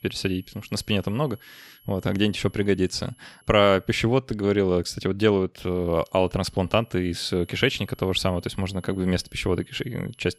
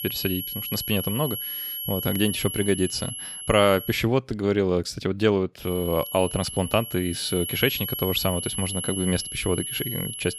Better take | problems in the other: first | high-pitched whine; loud; until 4 s and from 5.5 s on; 11 kHz, 5 dB below the speech; faint in the first

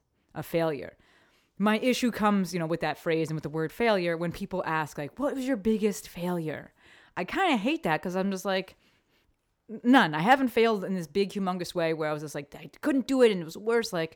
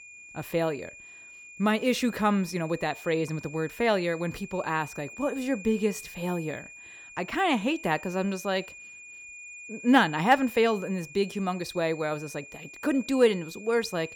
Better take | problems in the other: first | high-pitched whine; noticeable; throughout; 2.5 kHz, 15 dB below the speech

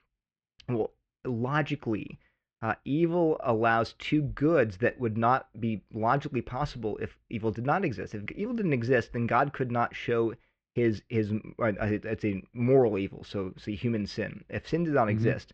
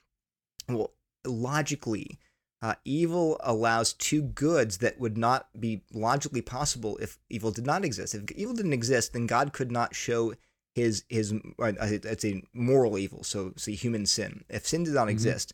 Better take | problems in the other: second | muffled; very slightly; fading above 3 kHz

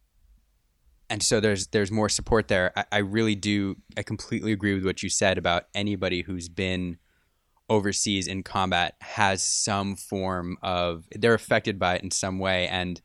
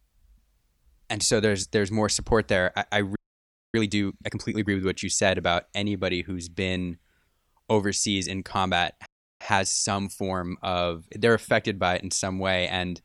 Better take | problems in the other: first | audio freezing; at 3 s for 0.5 s and at 9 s

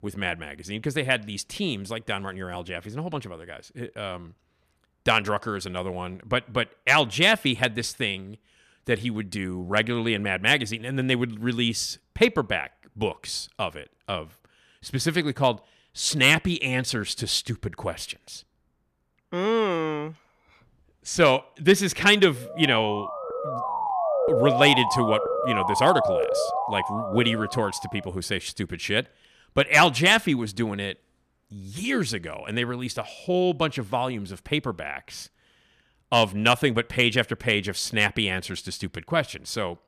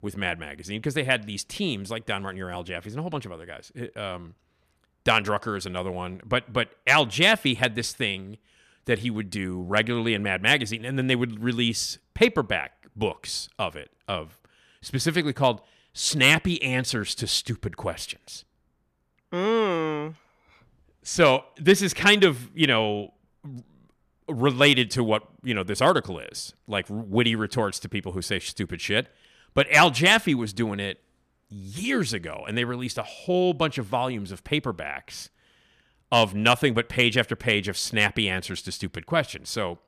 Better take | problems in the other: second | siren; loud; from 22 to 28 s; peak 2 dB above the speech

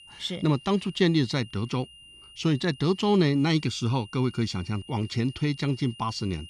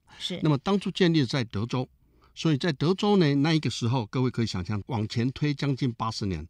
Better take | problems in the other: second | high-pitched whine; faint; throughout; 3 kHz, 20 dB below the speech

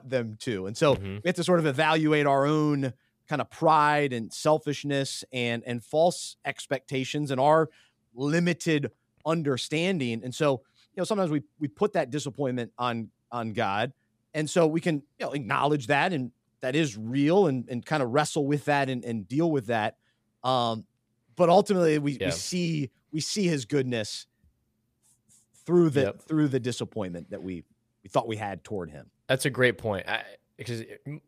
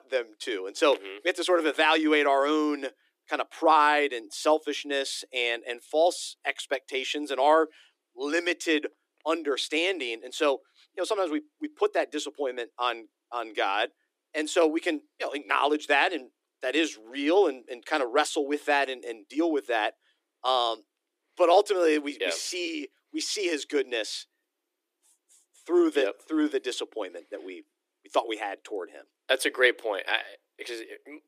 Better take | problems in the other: first | thin; somewhat; fading below 300 Hz

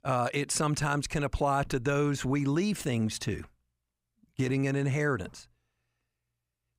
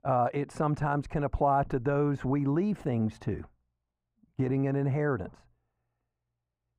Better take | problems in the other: first | muffled; very; fading above 2.5 kHz

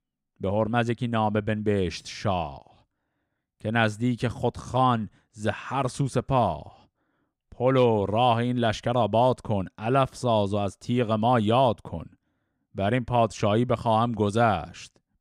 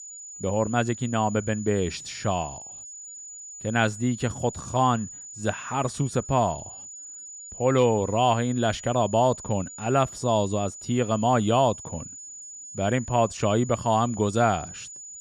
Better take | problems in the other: first | high-pitched whine; noticeable; throughout; 7 kHz, 15 dB below the speech

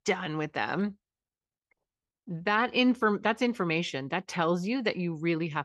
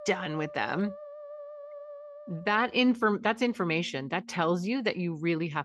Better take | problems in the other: first | background music; noticeable; throughout; 20 dB below the speech

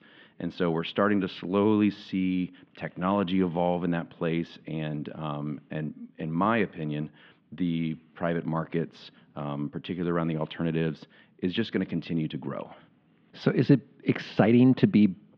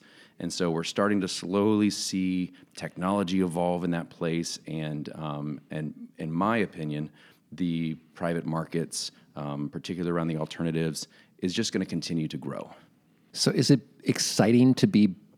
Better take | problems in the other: second | muffled; very; fading above 3.5 kHz

